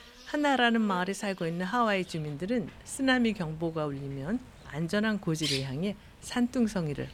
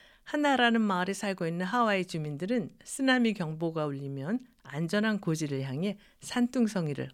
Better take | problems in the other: second | animal sounds; noticeable; throughout; 15 dB below the speech

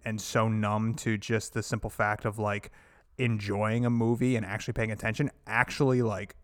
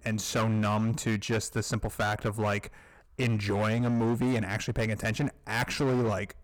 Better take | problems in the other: first | distortion; heavy; 16% of the sound clipped

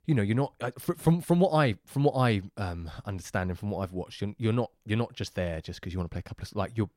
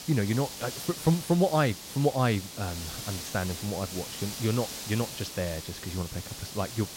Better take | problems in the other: first | hiss; loud; throughout; 8 dB below the speech

